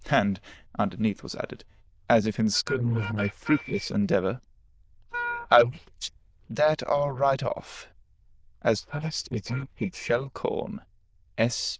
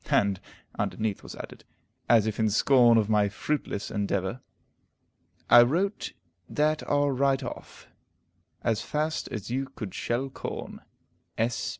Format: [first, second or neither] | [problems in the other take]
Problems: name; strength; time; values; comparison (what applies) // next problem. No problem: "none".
second | noise reduction (neural diffusion model UNIVERSE++)